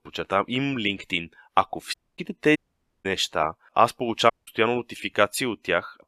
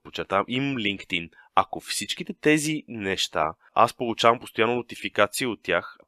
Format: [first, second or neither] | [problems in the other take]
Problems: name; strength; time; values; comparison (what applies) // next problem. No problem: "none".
second | audio cutting out; at 2 s, at 2.5 s and at 4.5 s